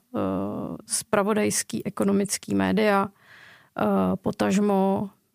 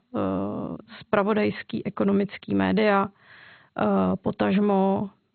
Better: first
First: none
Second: garbled, watery; badly; nothing above 4 kHz

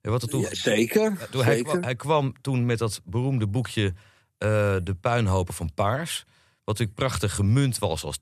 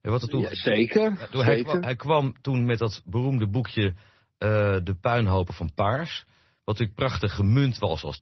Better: first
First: none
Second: garbled, watery; slightly; nothing above 5.5 kHz

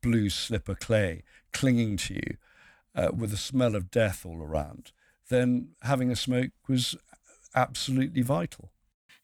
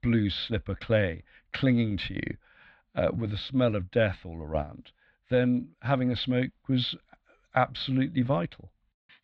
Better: first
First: none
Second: muffled; slightly; fading above 4 kHz

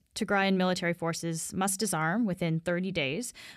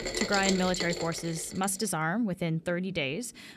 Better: first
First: none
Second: rain or running water; loud; throughout; 4 dB below the speech

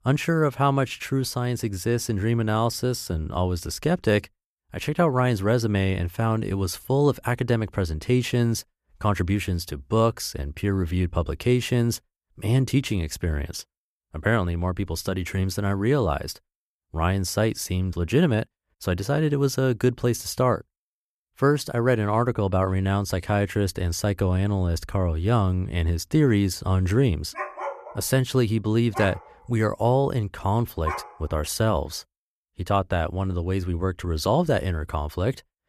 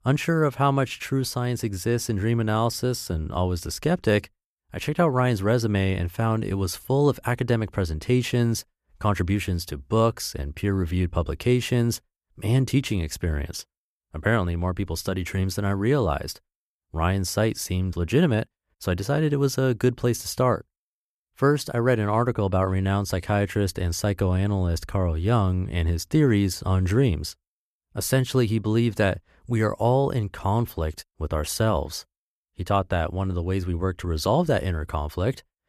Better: second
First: dog barking; noticeable; from 27 to 31 s; peak 7 dB below the speech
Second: none

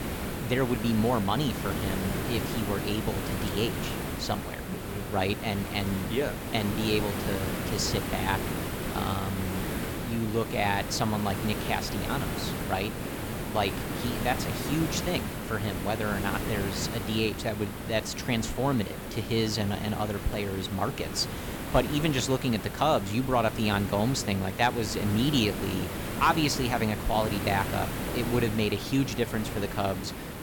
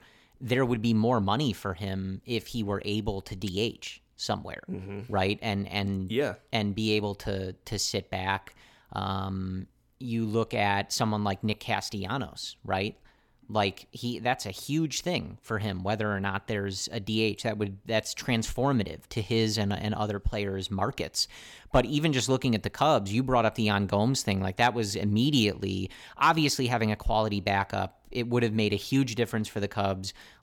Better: second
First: hiss; loud; throughout; 4 dB below the speech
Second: none

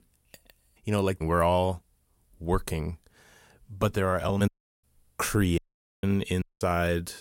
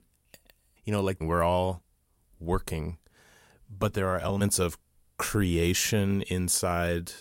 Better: second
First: audio cutting out; at 4.5 s, at 5.5 s and at 6.5 s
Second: none

